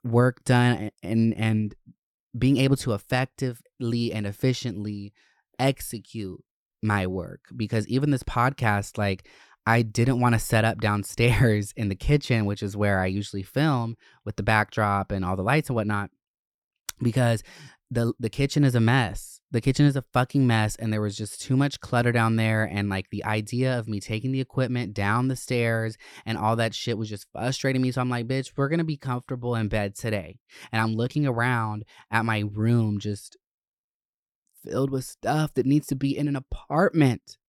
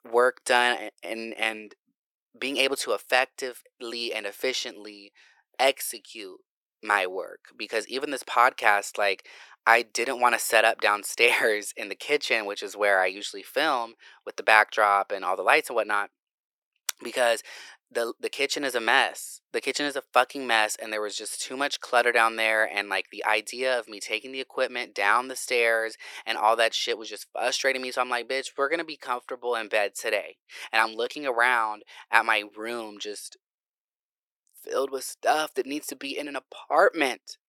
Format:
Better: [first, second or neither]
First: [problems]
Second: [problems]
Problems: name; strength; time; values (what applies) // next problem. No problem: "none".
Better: first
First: none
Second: thin; very; fading below 450 Hz